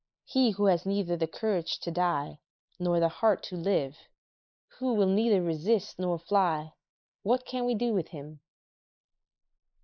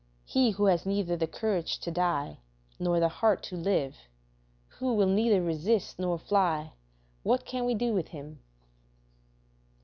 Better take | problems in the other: second | noise reduction (neural mask model Resemble Enhance denoiser)

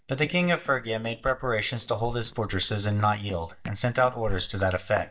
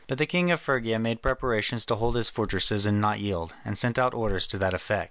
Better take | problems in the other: second | noise reduction (neural mask model DeepFilterNet 3)

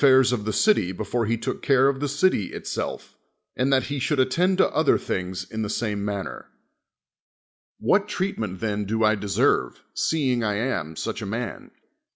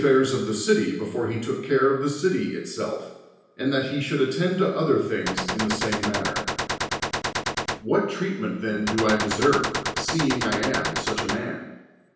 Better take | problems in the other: first | background sound (Gunshot, gunfire); 3 dB below the speech // room echo; dies away in 0.9 s

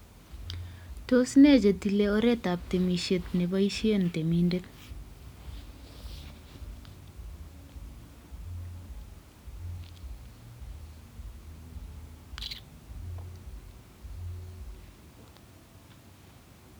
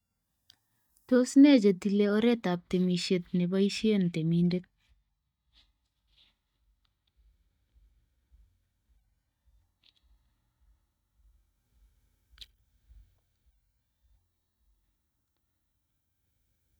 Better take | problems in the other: first | noise reduction (neural mask model DeepFilterNet 3)

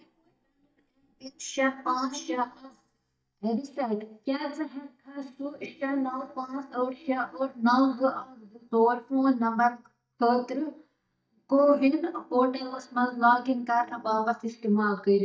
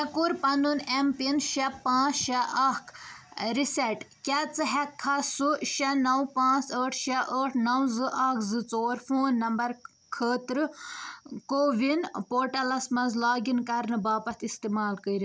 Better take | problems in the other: second | noise reduction (neural mask model DeepFilterNet 3)

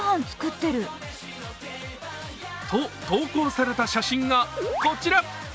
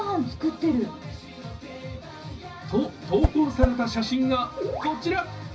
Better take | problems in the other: first | background sound (Whoosh, swoosh, swish); 2 dB above the speech // room echo; dies away in 0.4 s

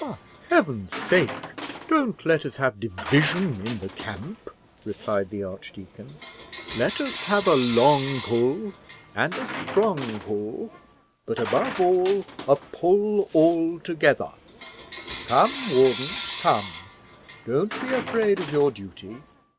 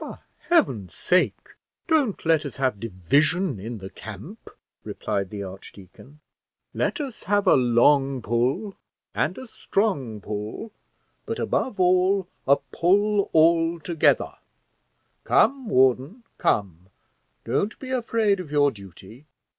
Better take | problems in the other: second | background sound (Coin (dropping) / Bell); 12 dB below the speech

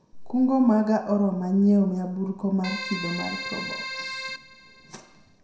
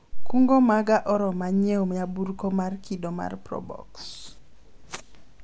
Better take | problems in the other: second | background sound (Keyboard (musical)); 10 dB below the speech // room echo; dies away in 0.6 s

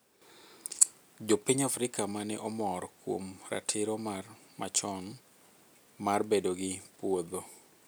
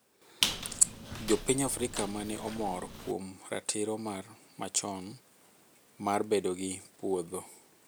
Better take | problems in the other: first | background sound (Squeak); 4 dB below the speech

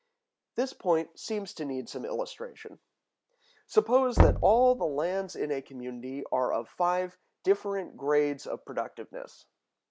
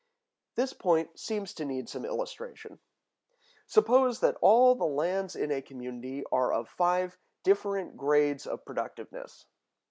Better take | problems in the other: second | background sound (Knock); as loud as the speech

